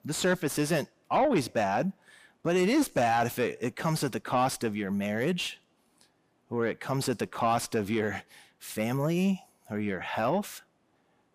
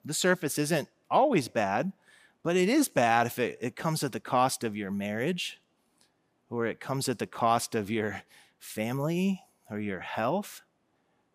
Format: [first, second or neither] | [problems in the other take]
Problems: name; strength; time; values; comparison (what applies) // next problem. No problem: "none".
second | distortion; slight; 10 dB below the speech